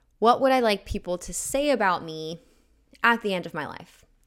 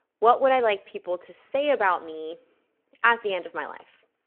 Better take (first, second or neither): first